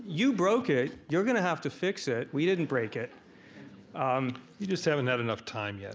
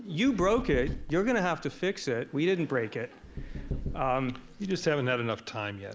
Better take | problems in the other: first | background sound (Knock / Wood); 11 dB below the speech

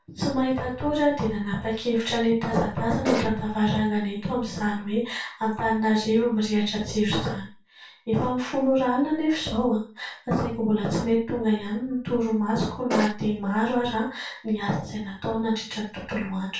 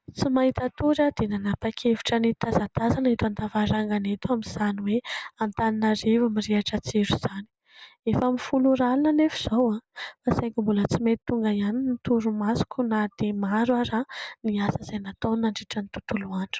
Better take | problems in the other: second | background sound (Fart); 2 dB below the speech // room echo; dies away in 0.3 s

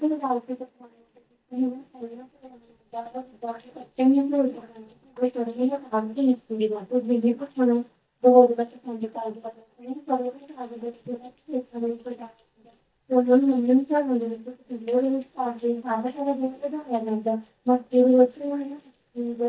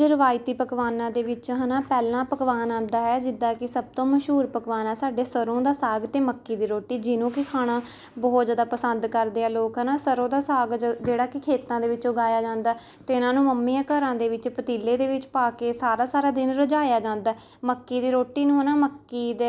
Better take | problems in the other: second | noise reduction (neural mask model DeepFilterNet 3)

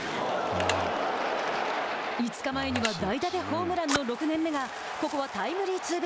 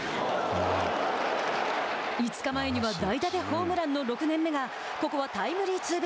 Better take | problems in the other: second | background sound (Telephone + Fire); 11 dB below the speech

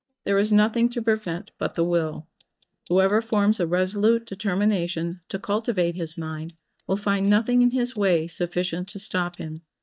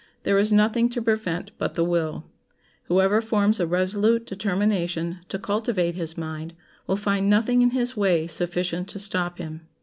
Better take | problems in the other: second | noise reduction (neural mask model DeepFilterNet 3)

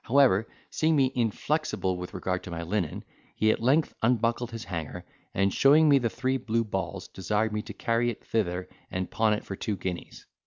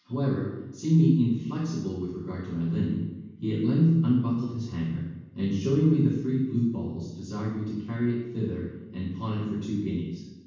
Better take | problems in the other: first | room echo; dies away in 1.2 s

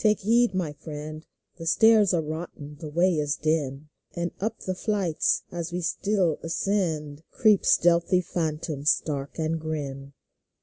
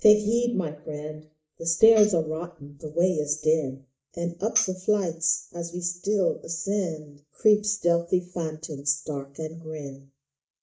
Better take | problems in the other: first | noise reduction (neural mask model DeepFilterNet 3)

